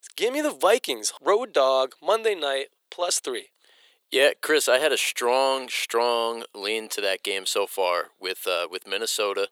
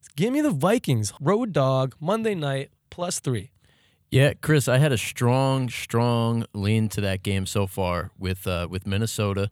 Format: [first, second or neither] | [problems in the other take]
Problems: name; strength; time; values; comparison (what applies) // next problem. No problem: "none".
second | thin; very; fading below 350 Hz